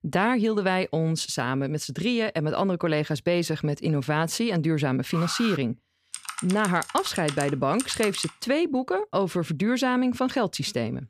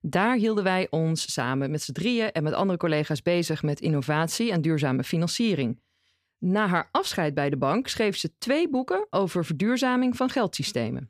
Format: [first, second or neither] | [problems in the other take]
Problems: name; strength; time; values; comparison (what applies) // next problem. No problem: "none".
second | alarm; noticeable; at 5 s; peak 7 dB below the speech // keyboard typing; noticeable; from 6 to 8.5 s; peak 7 dB below the speech